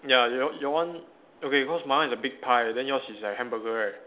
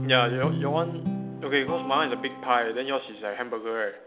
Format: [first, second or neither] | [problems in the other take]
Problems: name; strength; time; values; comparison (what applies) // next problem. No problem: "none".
first | background sound (Guitar); 6 dB below the speech